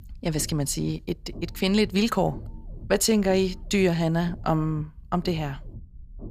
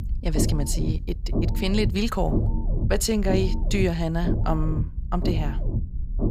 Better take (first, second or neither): first